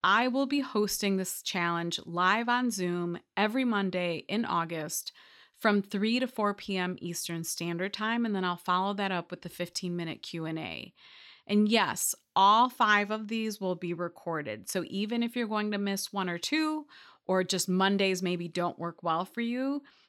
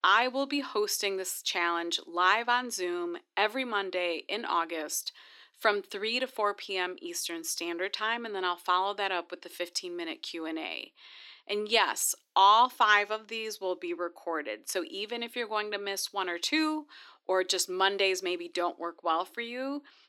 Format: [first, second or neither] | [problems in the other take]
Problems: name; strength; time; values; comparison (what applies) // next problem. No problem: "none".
first | thin; somewhat; fading below 300 Hz